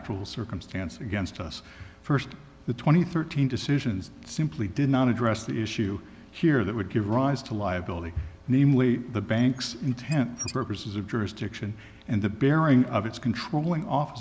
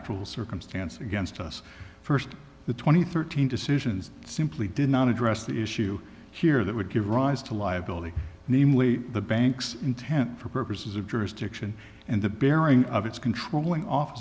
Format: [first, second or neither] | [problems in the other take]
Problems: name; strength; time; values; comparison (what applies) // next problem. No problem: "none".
second | background sound (Squeak / Dishes, pots, and pans); 18 dB below the speech